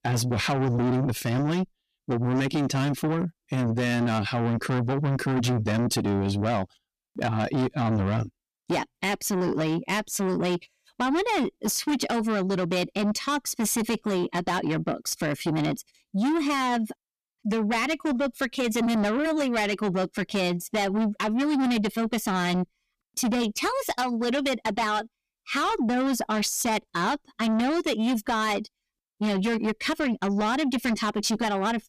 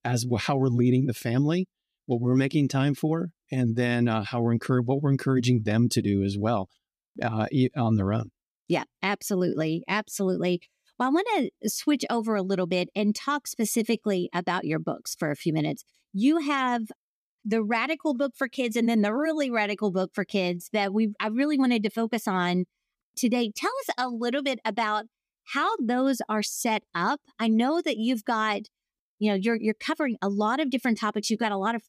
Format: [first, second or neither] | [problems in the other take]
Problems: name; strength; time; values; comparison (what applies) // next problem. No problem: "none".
second | distortion; heavy; 7 dB below the speech